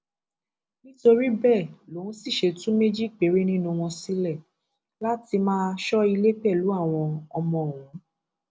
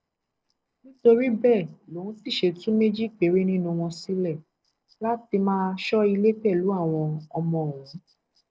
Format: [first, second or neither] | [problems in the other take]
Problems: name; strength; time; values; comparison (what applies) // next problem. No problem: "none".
first | noise reduction (neural separator model SepFormer DNS4)